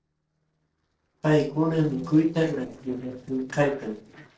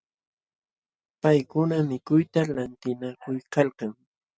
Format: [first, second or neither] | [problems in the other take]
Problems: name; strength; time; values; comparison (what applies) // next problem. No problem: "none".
second | noise reduction (neural separator model SepFormer DNS4)